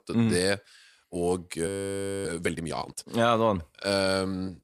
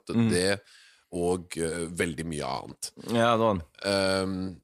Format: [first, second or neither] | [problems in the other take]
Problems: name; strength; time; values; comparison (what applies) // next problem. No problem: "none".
second | audio freezing; at 1.5 s for 0.5 s